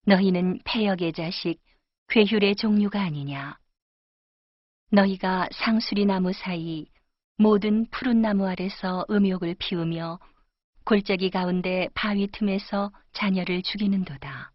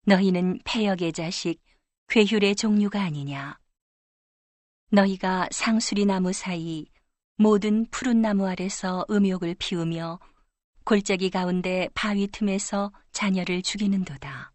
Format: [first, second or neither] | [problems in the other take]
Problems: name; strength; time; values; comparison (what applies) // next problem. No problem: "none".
second | garbled, watery; badly; nothing above 5.5 kHz; slightly in the second